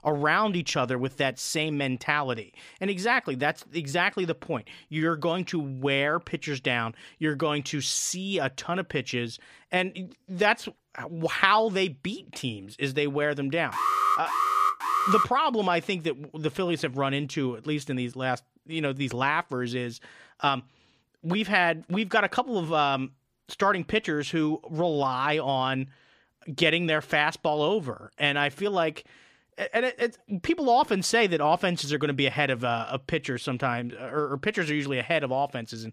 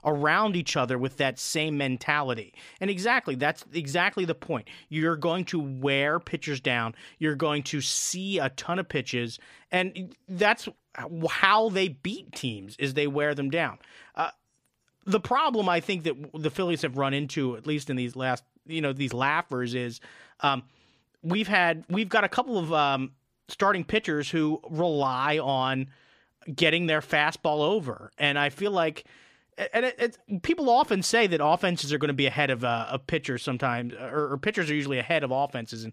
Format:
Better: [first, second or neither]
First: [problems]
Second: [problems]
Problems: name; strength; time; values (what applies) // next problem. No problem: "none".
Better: second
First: alarm; loud; from 14 to 15 s; peak 4 dB above the speech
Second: none